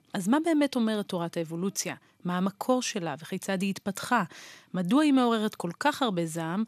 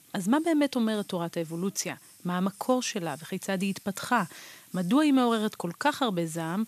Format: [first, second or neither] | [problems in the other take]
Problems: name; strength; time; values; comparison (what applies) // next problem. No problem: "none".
first | hiss; faint; throughout; 25 dB below the speech